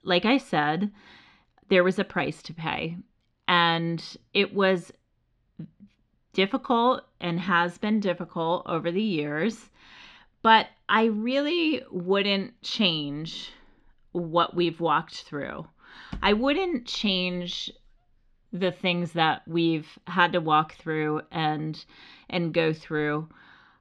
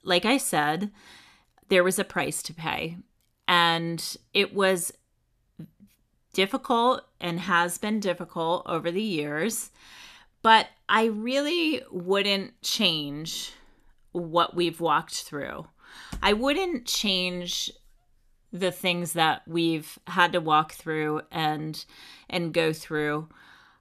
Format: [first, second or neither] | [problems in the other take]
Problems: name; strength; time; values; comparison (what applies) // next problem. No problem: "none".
second | muffled; very slightly; fading above 4 kHz